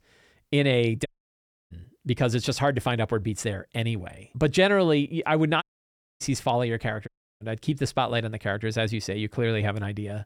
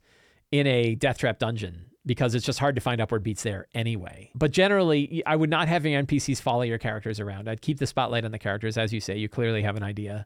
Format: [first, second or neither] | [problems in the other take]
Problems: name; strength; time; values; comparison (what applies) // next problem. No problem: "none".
second | audio cutting out; at 1 s for 0.5 s, at 5.5 s for 0.5 s and at 7 s